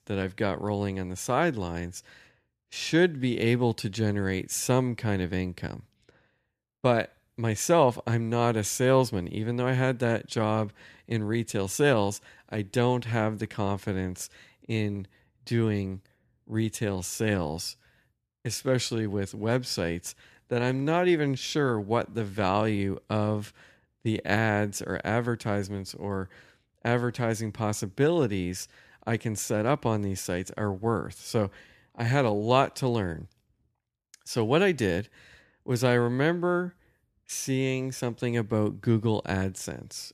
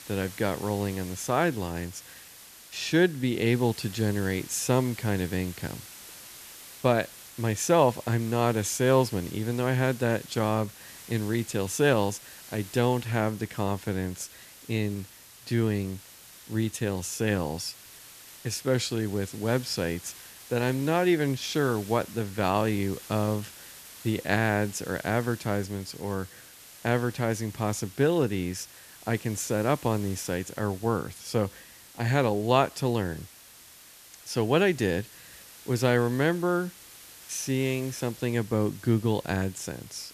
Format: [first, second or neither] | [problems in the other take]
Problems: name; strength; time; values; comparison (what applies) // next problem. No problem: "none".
first | hiss; noticeable; throughout; 15 dB below the speech